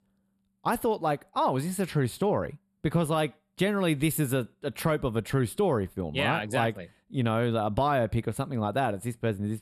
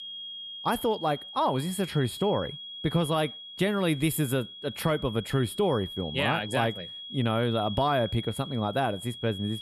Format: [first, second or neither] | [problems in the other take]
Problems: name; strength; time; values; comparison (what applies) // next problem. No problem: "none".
first | high-pitched whine; noticeable; throughout; 3.5 kHz, 10 dB below the speech